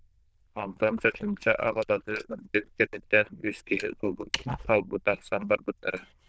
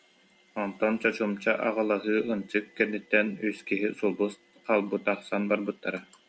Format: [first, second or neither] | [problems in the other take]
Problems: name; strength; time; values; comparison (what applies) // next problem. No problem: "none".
second | noise reduction (neural diffusion model UNIVERSE++)